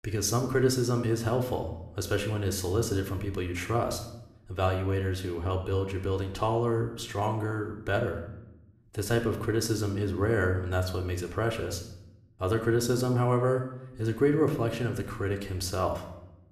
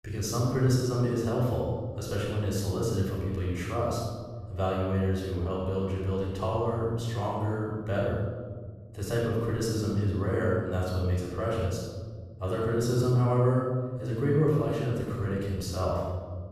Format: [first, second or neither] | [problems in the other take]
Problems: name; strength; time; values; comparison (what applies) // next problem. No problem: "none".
first | room echo; strong; dies away in 1.9 s; slight in the first // off-mic speech; far; somewhat distant in the first